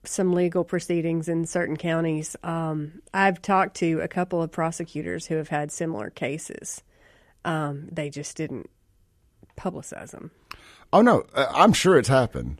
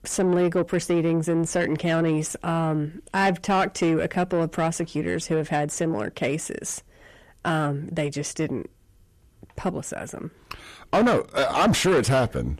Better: first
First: none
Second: distortion; heavy; 7 dB below the speech

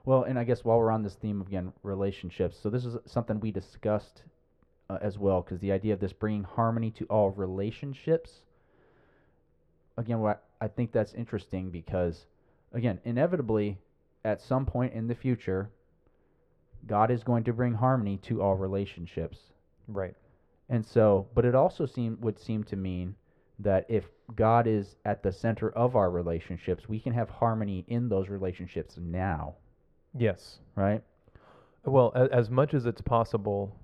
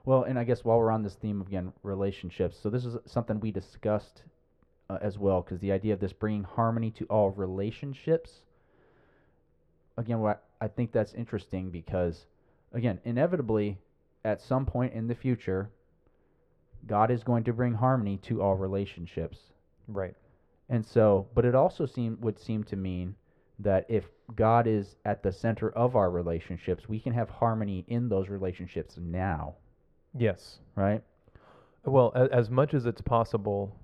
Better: neither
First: muffled; very; fading above 3 kHz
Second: muffled; very; fading above 3 kHz

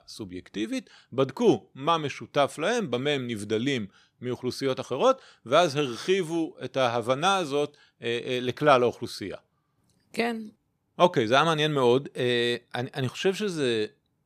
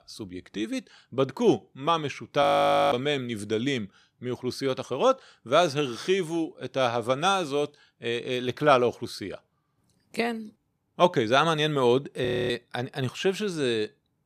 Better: first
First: none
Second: audio freezing; at 2.5 s and at 12 s

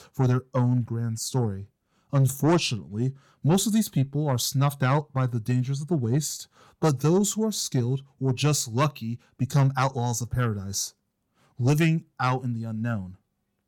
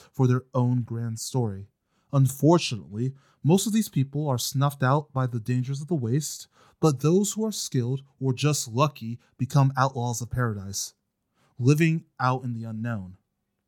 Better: second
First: distortion; slight; 10 dB below the speech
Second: none

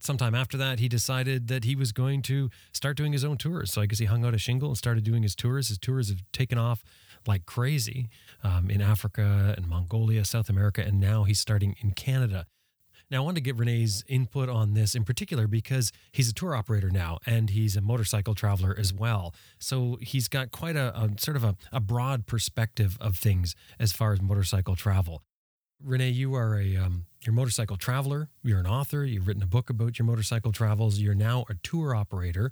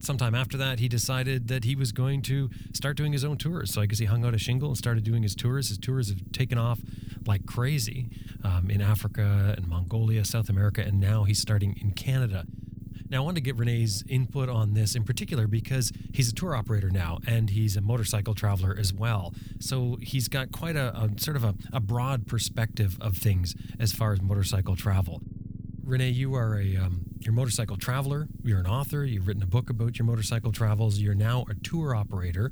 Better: first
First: none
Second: low rumble; noticeable; throughout; 15 dB below the speech

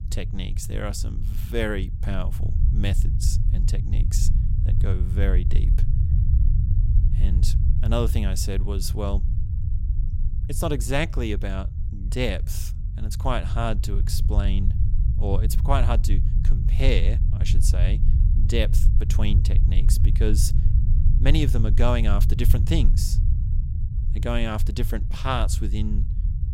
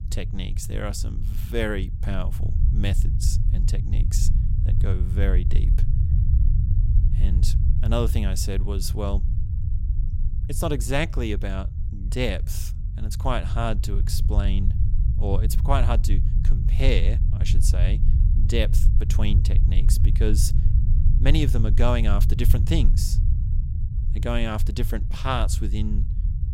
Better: neither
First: low rumble; loud; throughout; 10 dB below the speech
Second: low rumble; loud; throughout; 10 dB below the speech

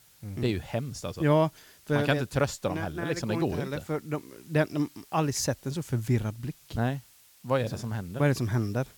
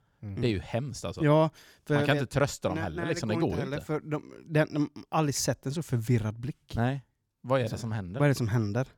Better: second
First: hiss; faint; throughout; 25 dB below the speech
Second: none

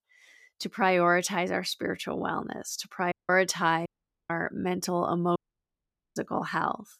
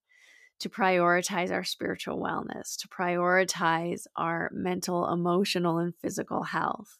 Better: second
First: audio cutting out; at 3 s, at 4 s and at 5.5 s for 1 s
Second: none

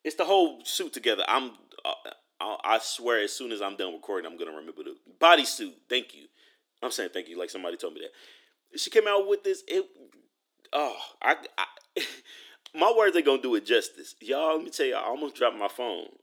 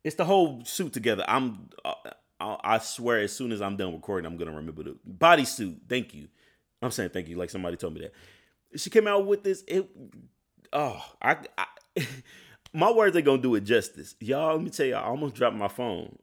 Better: second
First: thin; somewhat; fading below 300 Hz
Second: none

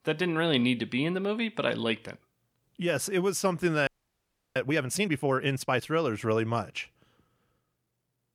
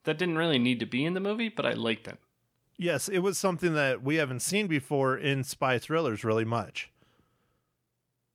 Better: second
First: audio freezing; at 4 s for 0.5 s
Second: none

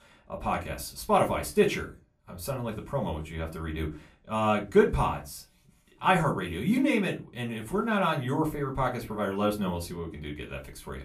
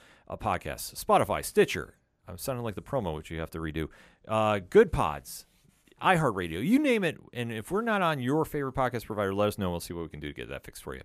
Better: second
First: off-mic speech; somewhat distant // room echo; very slight; dies away in 0.2 s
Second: none

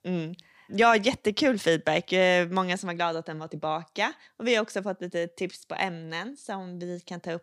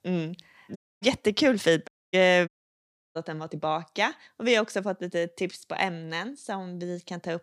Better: first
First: none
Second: audio cutting out; at 1 s, at 2 s and at 2.5 s for 0.5 s

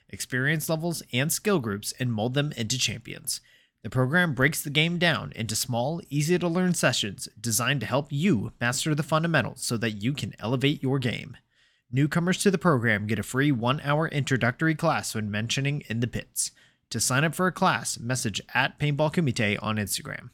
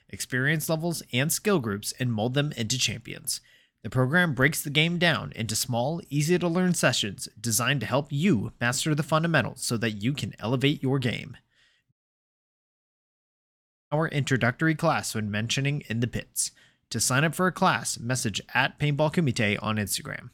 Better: first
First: none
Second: audio cutting out; at 12 s for 2 s

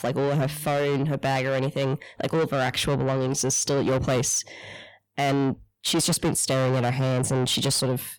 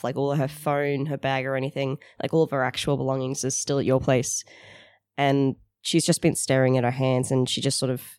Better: second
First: distortion; heavy; 6 dB below the speech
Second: none

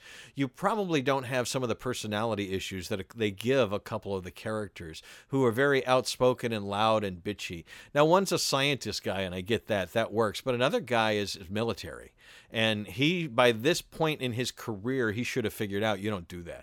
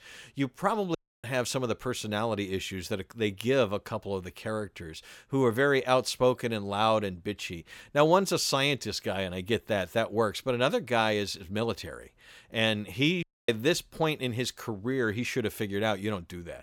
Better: first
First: none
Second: audio cutting out; at 1 s and at 13 s

